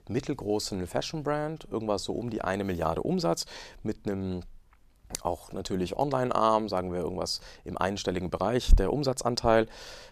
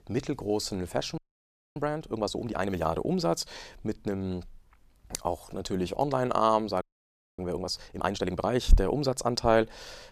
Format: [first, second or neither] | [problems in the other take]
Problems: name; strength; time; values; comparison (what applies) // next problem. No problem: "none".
first | audio freezing; at 1 s for 0.5 s and at 7 s for 0.5 s